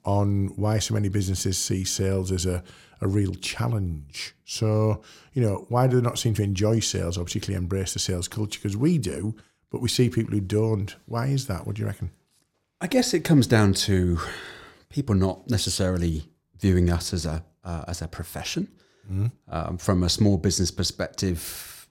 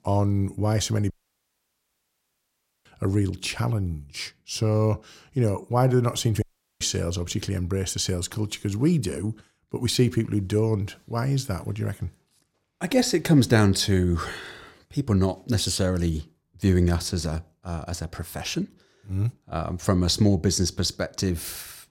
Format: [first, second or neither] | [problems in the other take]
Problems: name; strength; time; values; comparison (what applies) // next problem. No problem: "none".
first | audio cutting out; at 1 s for 2 s and at 6.5 s